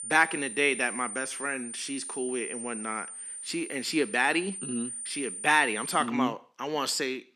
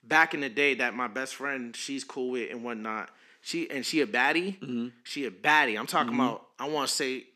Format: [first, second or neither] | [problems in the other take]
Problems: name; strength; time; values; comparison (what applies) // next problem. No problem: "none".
second | high-pitched whine; loud; until 6 s; 9 kHz, 8 dB below the speech